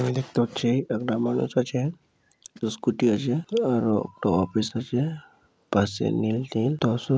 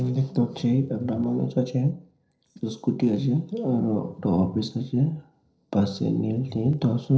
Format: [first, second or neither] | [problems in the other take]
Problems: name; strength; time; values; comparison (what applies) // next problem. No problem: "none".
first | noise reduction (neural separator model SepFormer DNS4)